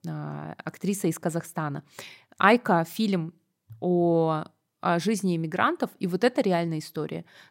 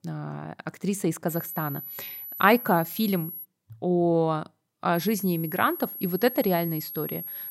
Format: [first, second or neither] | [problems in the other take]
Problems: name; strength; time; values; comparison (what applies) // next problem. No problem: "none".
first | high-pitched whine; loud; from 1.5 to 3.5 s and from 5 s on; 11.5 kHz, 9 dB below the speech